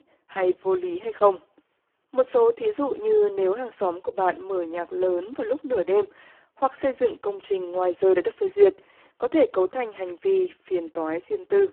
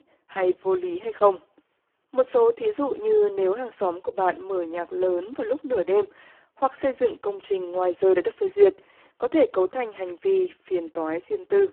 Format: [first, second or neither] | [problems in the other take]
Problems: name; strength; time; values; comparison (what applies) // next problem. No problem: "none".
neither | phone-call audio; poor line; nothing above 7.5 kHz; the same in both